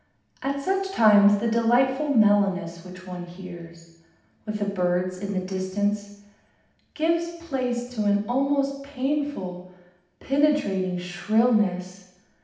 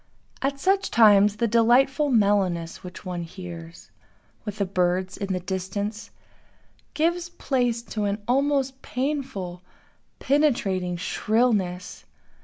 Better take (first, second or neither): second